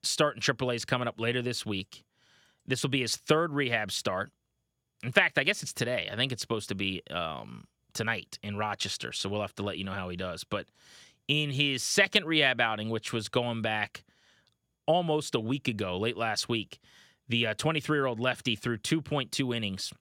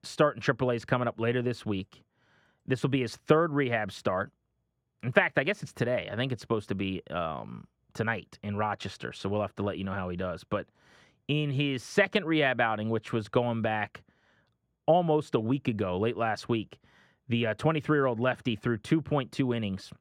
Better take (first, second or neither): first